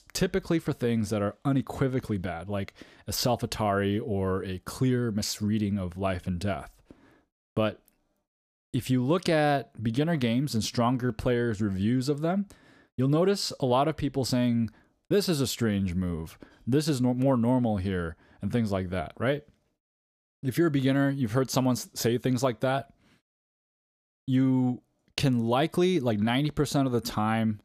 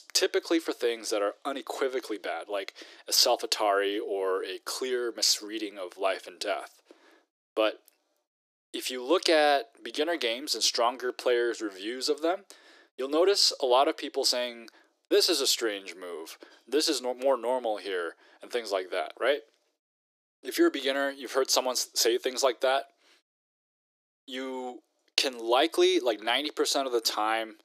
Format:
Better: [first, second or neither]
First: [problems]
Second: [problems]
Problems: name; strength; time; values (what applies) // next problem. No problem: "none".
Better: first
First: none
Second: thin; very; fading below 350 Hz